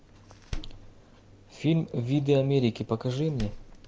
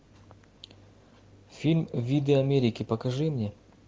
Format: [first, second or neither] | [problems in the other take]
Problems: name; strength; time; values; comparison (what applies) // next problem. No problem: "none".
second | background sound (Door); 13 dB below the speech